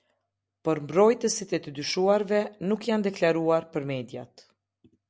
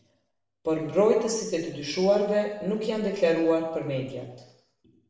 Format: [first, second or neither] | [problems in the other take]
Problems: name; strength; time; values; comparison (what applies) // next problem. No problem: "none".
first | room echo; dies away in 0.9 s